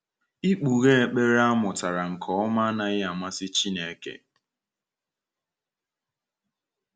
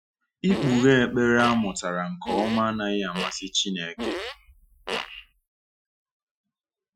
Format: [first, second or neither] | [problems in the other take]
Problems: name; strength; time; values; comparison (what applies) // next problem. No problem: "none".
first | noise reduction (classical method Wiener filter)